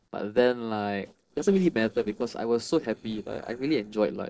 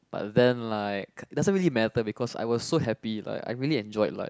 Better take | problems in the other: second | noise reduction (neural separator model SepFormer DNS4)

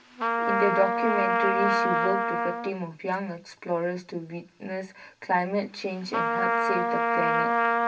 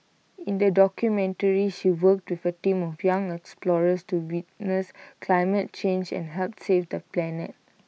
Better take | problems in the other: second | background sound (Trumpet); 3 dB above the speech // room echo; dies away in 0.2 s

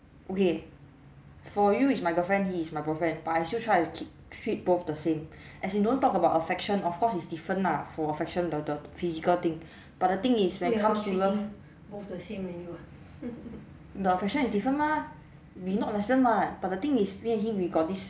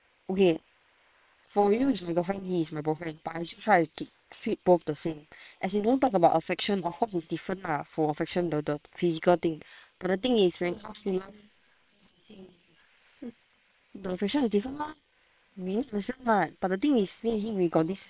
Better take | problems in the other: first | noise reduction (neural separator model SepFormer WHAM!)

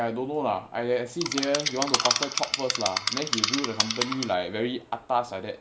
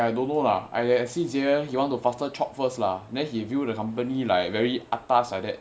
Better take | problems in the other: second | background sound (Insect); 1 dB above the speech

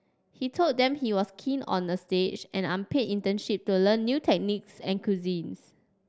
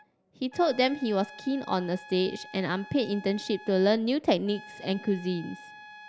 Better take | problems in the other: first | background sound (Trumpet); 19 dB below the speech

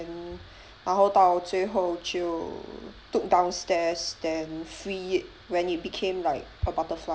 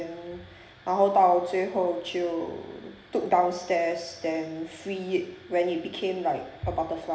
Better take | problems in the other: first | room echo; dies away in 1.1 s

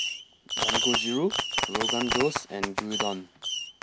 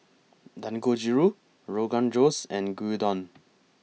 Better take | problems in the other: second | background sound (Fireworks); 2 dB above the speech

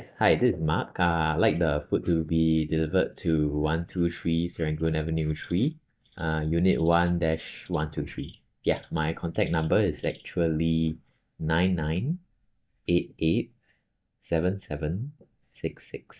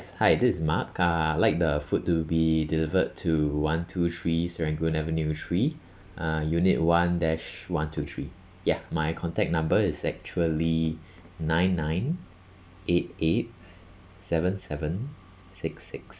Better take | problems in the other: second | noise reduction (neural mask model DeepFilterNet 3)

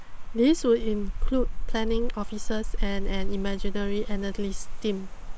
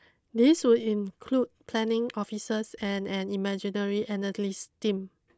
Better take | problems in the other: second | background sound (Rain); 3 dB above the speech

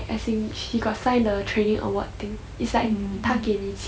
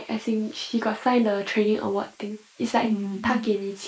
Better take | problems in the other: first | noise reduction (neural mask model Resemble Enhance denoiser)

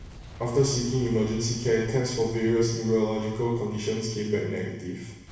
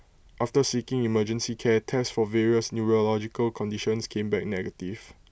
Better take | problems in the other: second | background sound (Boom); 19 dB below the speech // room echo; dies away in 1.1 s

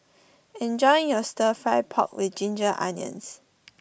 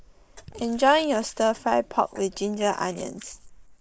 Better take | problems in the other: first | noise reduction (neural mask model Resemble Enhance denoiser)

